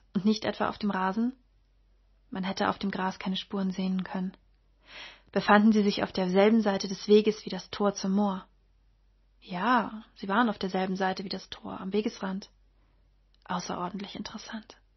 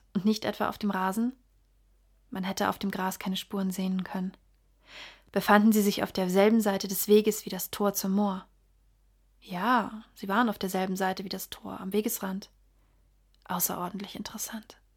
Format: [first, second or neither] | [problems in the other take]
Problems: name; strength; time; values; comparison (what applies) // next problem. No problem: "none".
second | garbled, watery; slightly; nothing above 6 kHz